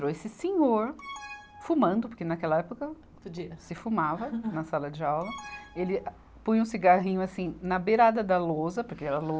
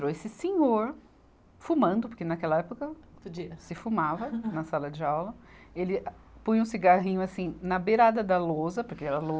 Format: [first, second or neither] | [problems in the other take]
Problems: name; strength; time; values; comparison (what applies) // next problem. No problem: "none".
second | background sound (Alarm); 17 dB below the speech